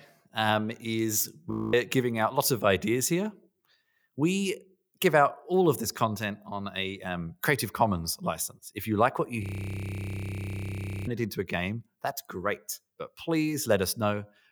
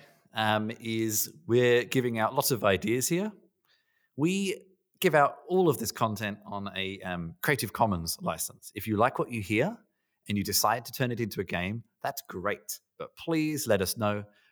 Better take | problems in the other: second | audio freezing; at 1.5 s and at 9.5 s for 1.5 s

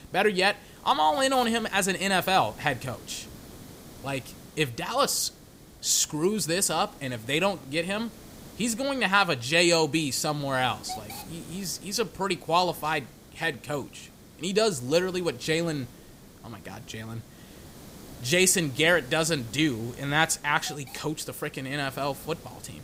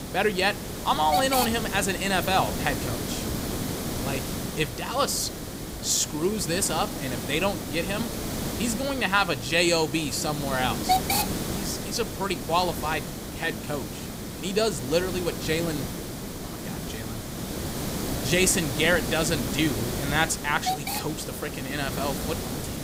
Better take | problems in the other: first | hiss; loud; throughout; 4 dB below the speech; faint in the first

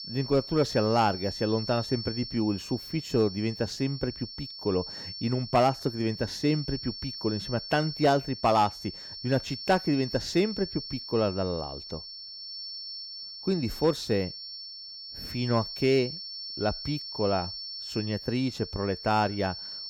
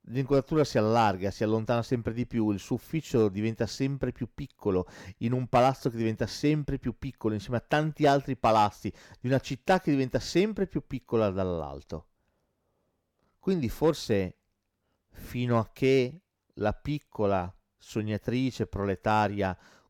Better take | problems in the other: second | high-pitched whine; loud; throughout; 5.5 kHz, 9 dB below the speech

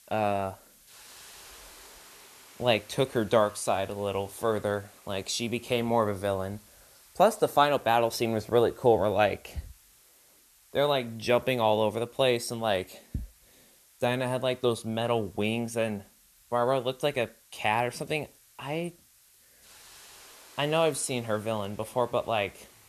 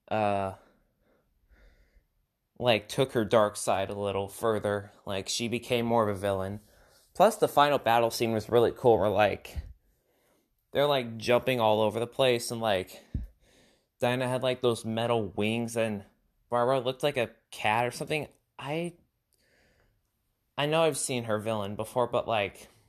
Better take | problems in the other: second | hiss; faint; throughout; 25 dB below the speech

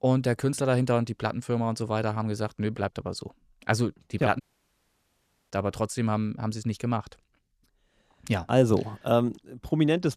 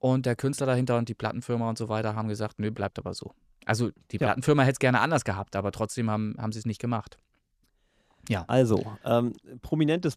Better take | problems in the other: second | audio cutting out; at 4.5 s for 1 s

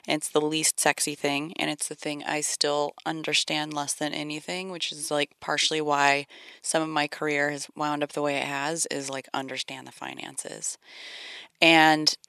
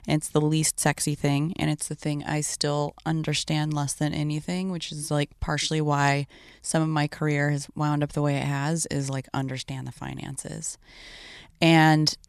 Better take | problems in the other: second | thin; somewhat; fading below 450 Hz

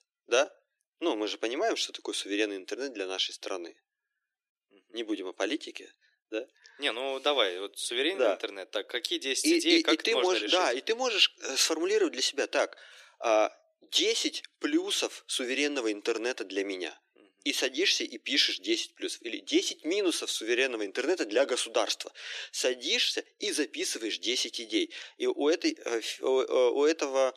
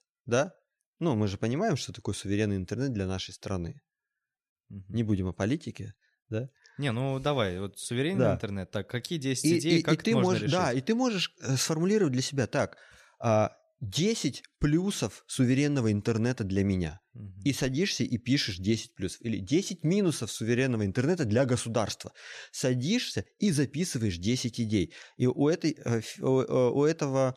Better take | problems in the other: second | thin; very; fading below 300 Hz

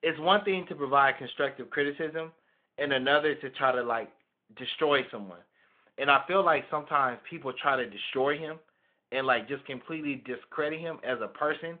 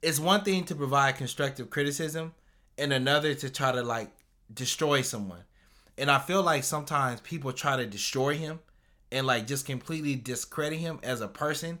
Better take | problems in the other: second | phone-call audio

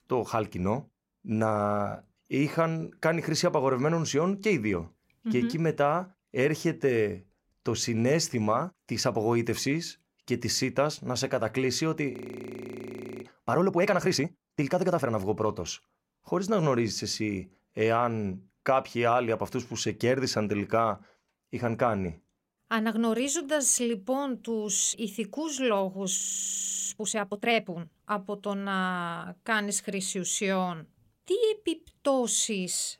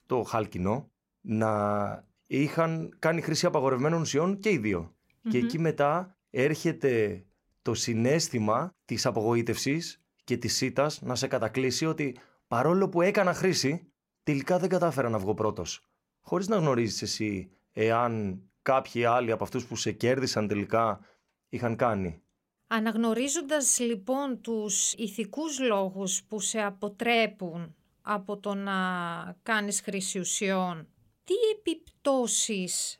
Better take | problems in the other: second | audio freezing; at 12 s for 1 s and at 26 s for 0.5 s

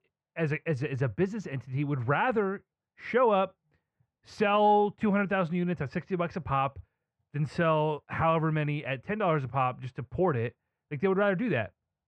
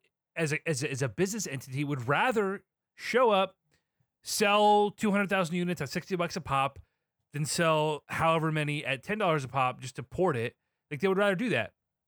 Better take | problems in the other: second | muffled; very; fading above 2 kHz

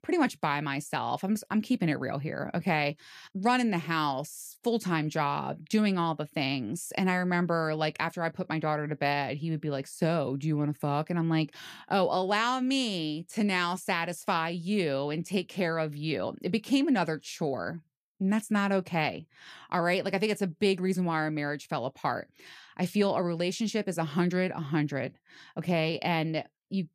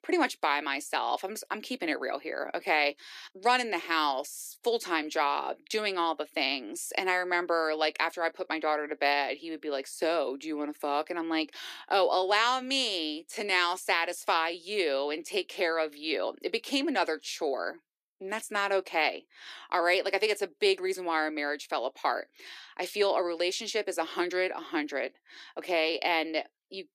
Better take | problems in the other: first | thin; very; fading below 300 Hz

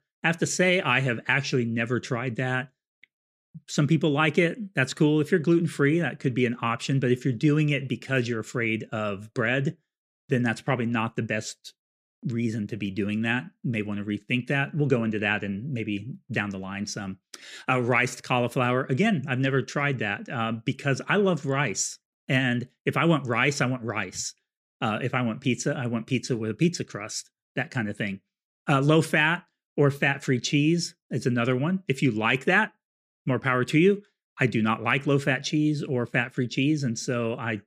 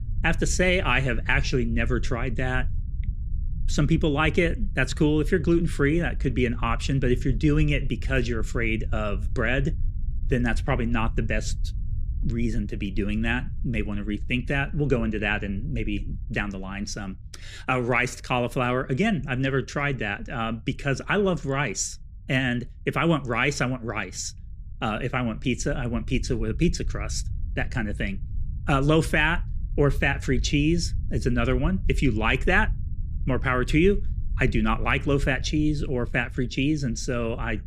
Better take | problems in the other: first | low rumble; faint; throughout; 25 dB below the speech

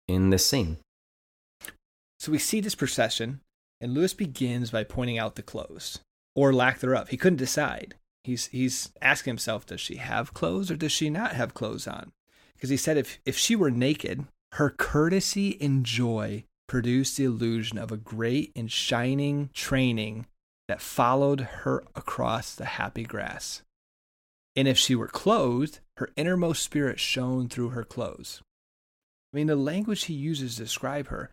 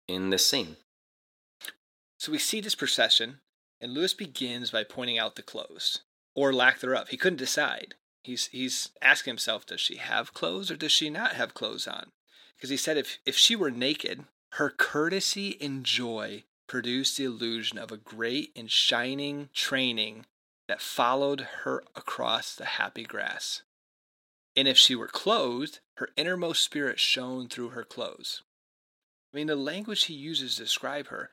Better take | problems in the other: first | thin; somewhat; fading below 300 Hz

